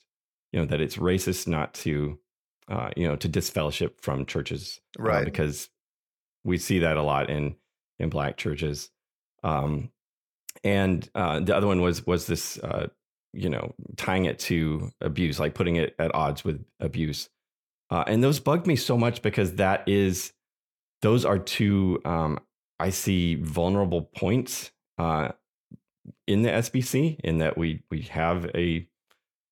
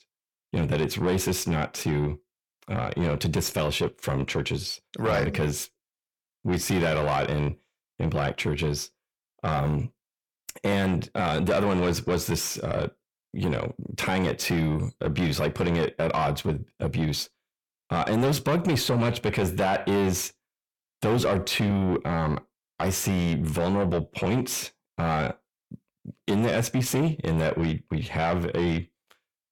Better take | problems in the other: first | distortion; heavy; 7 dB below the speech

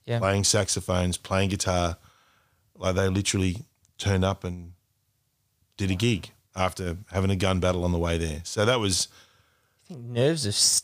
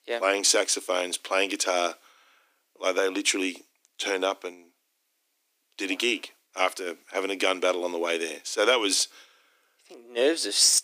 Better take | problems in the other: first | thin; somewhat; fading below 300 Hz

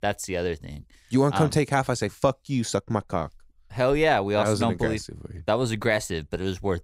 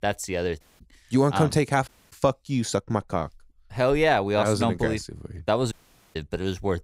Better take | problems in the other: first | audio cutting out; at 0.5 s, at 2 s and at 5.5 s

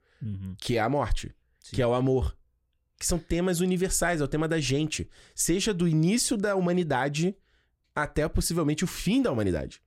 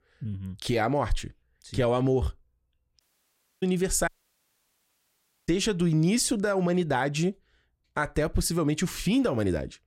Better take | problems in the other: first | audio cutting out; at 3 s for 0.5 s and at 4 s for 1.5 s

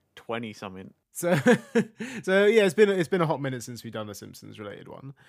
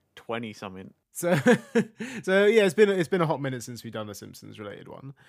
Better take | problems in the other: neither | none

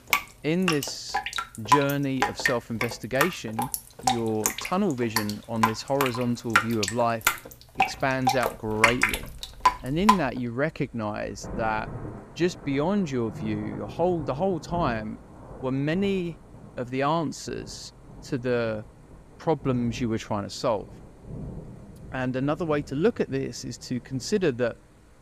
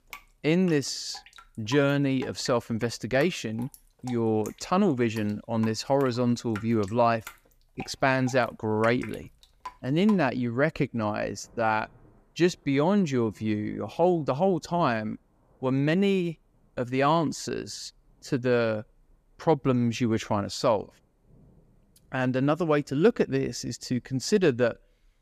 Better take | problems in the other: second | rain or running water; loud; throughout; as loud as the speech; faint in the second

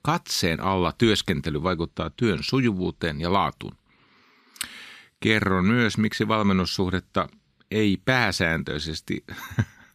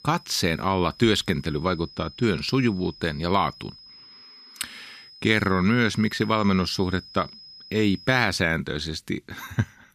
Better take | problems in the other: first | high-pitched whine; noticeable; until 8.5 s; 5 kHz, 20 dB below the speech

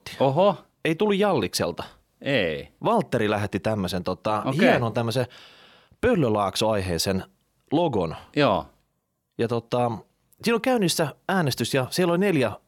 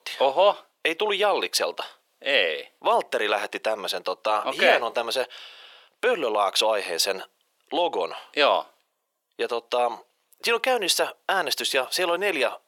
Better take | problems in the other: first | thin; very; fading below 500 Hz

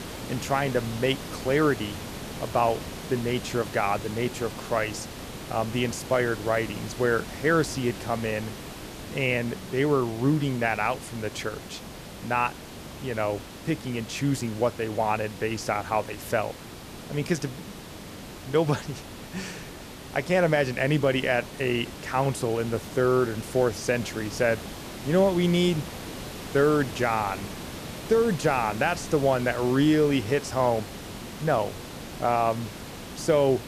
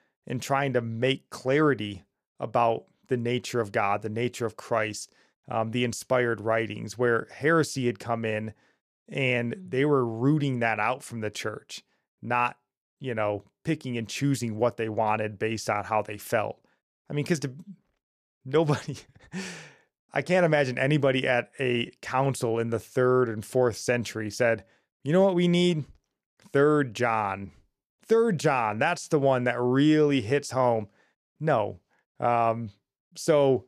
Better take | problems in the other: second | hiss; noticeable; throughout; 10 dB below the speech

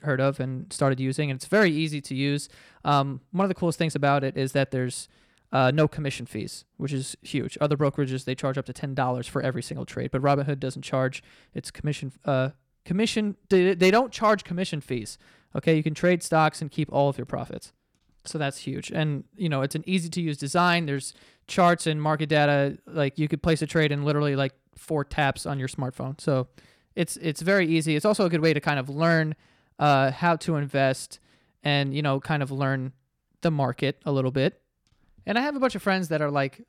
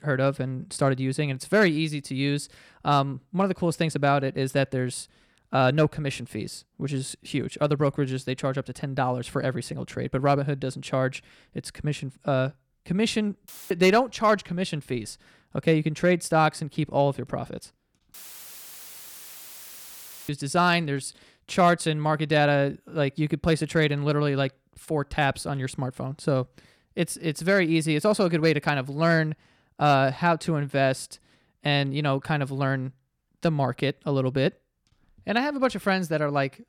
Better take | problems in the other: first | audio cutting out; filled with static; at 13 s and at 18 s for 2 s

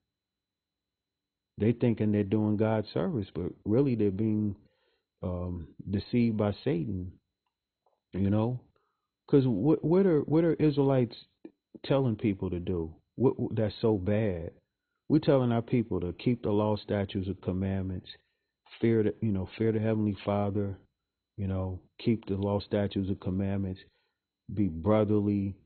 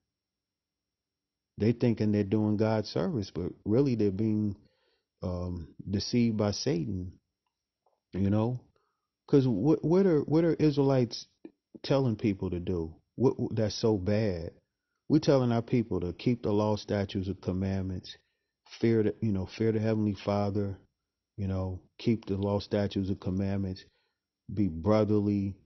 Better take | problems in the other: second | garbled, watery; badly; nothing above 4 kHz; slightly in the second

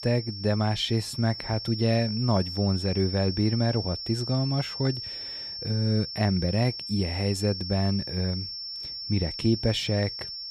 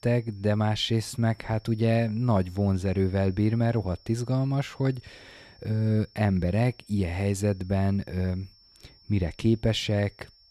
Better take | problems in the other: second | high-pitched whine; loud; throughout; 5.5 kHz, 7 dB below the speech; faint in the second

